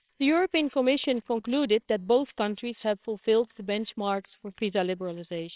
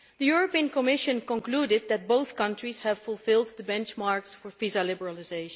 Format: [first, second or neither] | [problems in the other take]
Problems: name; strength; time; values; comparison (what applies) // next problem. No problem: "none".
second | noise reduction (neural separator model SepFormer WHAMR!)